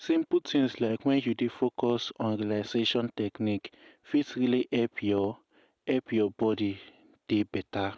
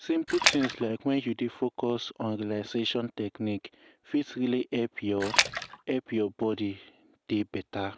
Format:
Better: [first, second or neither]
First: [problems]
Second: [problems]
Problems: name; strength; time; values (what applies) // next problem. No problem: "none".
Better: first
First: none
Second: background sound (Splash, splatter); 2 dB above the speech